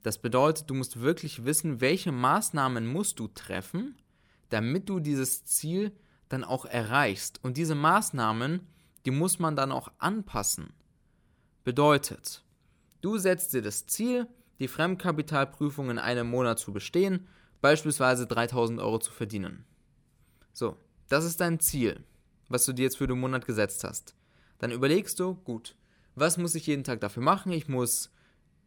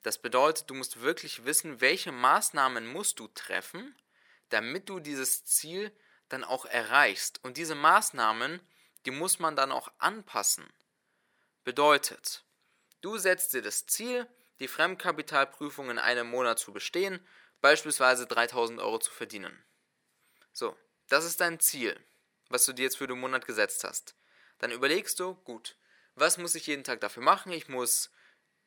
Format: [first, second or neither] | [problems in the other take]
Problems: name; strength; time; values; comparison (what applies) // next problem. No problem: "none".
first | thin; somewhat; fading below 500 Hz